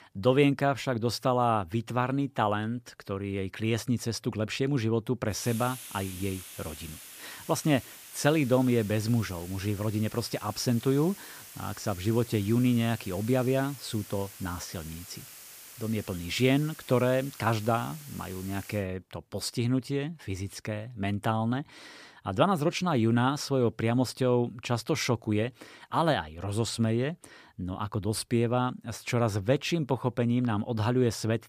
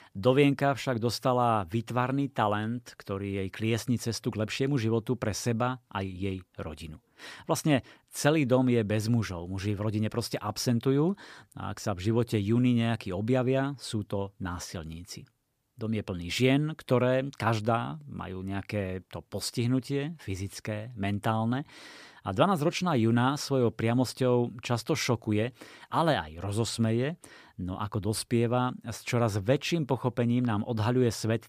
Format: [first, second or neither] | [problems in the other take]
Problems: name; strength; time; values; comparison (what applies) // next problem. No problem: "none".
second | hiss; noticeable; from 5.5 to 19 s; 15 dB below the speech